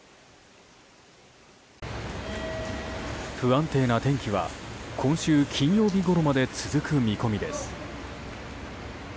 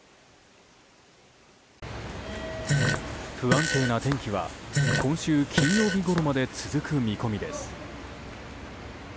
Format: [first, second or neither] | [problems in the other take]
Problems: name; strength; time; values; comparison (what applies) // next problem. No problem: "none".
first | background sound (Fart); 1 dB above the speech